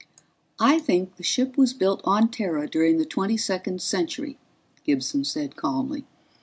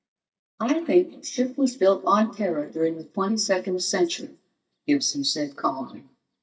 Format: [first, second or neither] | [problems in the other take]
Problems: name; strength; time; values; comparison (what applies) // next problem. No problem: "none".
first | noise reduction (neural mask model DeepFilterNet 3)